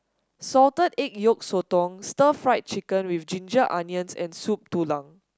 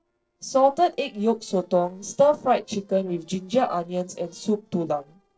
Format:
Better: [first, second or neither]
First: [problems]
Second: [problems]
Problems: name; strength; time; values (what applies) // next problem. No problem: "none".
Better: first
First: none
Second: noise reduction (neural separator model SepFormer DNS4)